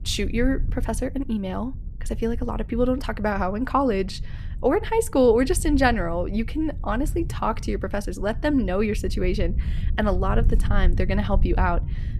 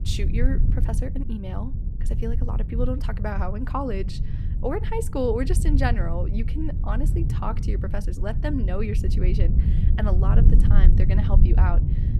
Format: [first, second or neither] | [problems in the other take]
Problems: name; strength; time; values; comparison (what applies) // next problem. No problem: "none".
first | low rumble; loud; throughout; 7 dB below the speech; faint in the first